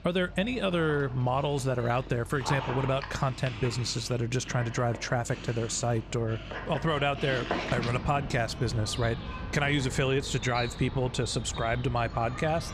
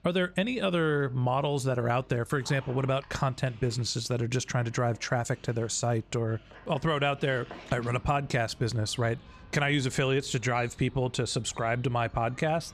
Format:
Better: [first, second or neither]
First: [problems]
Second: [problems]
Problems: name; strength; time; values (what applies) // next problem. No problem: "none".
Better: second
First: animal sounds; loud; throughout; 9 dB below the speech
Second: animal sounds; faint; throughout; 25 dB below the speech